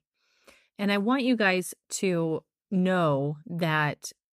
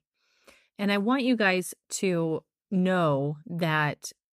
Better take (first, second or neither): neither